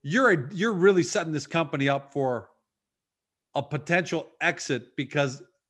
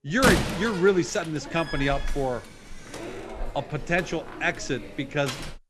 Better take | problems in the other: first | door banging; loud; peak 4 dB above the speech

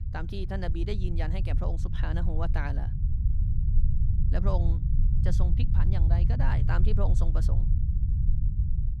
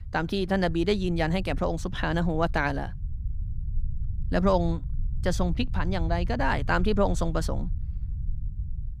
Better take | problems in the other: second | low rumble; loud; throughout; 5 dB below the speech; faint in the second

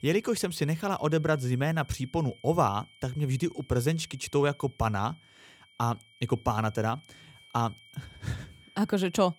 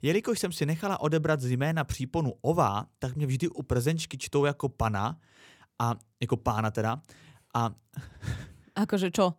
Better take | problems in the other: second | high-pitched whine; faint; throughout; 3 kHz, 25 dB below the speech

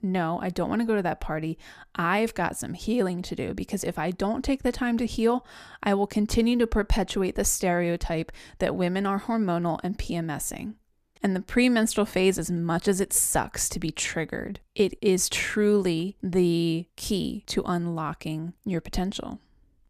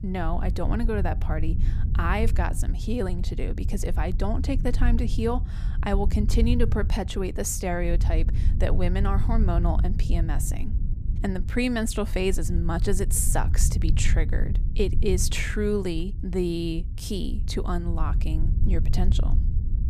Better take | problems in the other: first | low rumble; noticeable; throughout; 15 dB below the speech

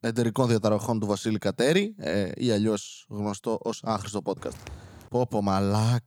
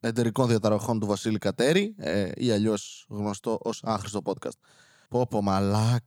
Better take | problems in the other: second | footsteps; faint; at 4.5 s; peak 15 dB below the speech

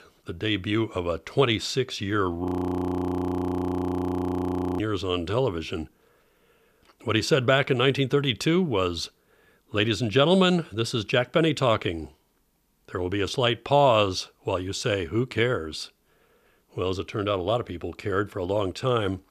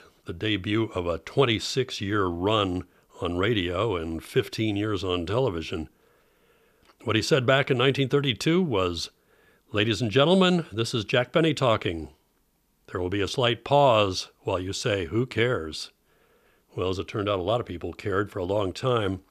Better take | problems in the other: second | audio freezing; at 2.5 s for 2.5 s

